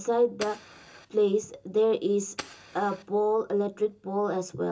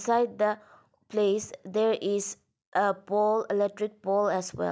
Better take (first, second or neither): second